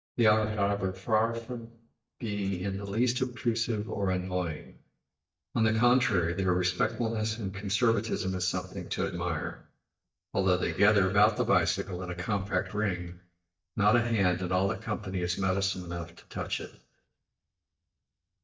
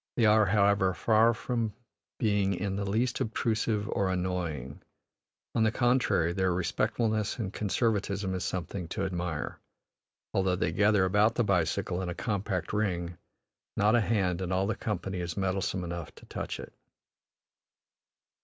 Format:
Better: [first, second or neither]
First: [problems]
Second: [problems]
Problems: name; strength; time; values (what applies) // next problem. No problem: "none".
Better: second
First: noise reduction (neural mask model DeepFilterNet 3)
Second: none